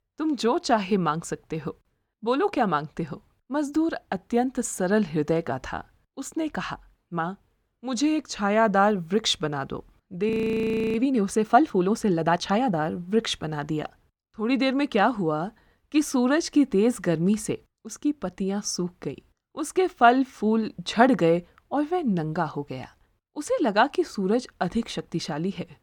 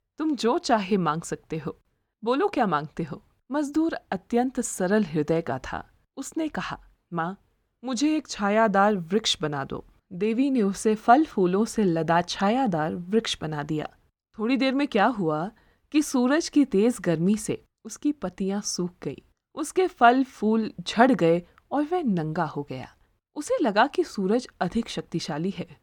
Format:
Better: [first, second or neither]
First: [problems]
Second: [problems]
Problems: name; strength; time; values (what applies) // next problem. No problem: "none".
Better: second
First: audio freezing; at 10 s for 0.5 s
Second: none